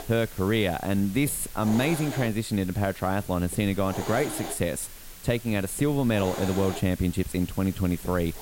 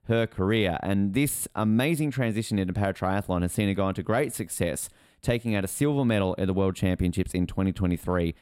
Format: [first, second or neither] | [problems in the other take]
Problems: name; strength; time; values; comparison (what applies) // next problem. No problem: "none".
second | hiss; noticeable; throughout; 10 dB below the speech